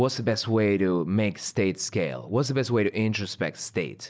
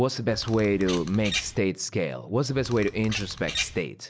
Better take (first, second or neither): first